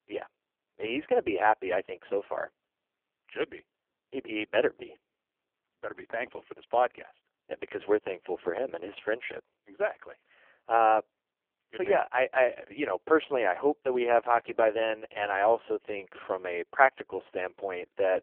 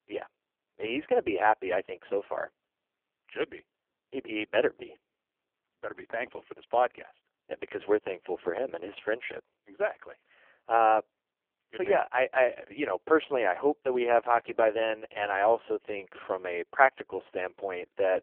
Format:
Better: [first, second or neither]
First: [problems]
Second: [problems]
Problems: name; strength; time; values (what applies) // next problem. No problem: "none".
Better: neither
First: phone-call audio; poor line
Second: phone-call audio; poor line